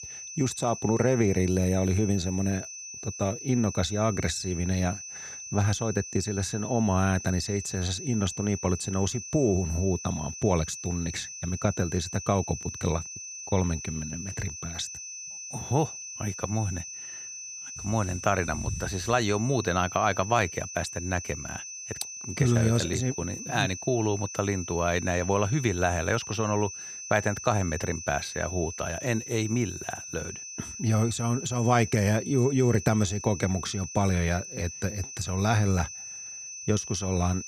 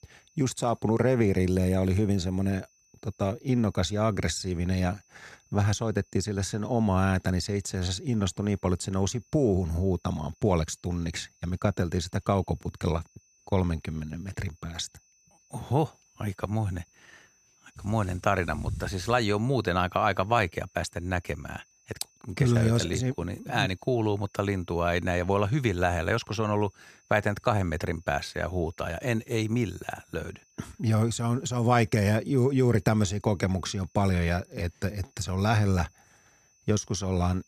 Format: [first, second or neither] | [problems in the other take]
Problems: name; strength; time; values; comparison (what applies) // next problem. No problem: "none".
second | high-pitched whine; loud; throughout; 6 kHz, 9 dB below the speech; faint in the second